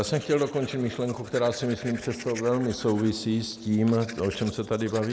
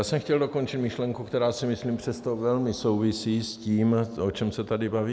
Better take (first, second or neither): second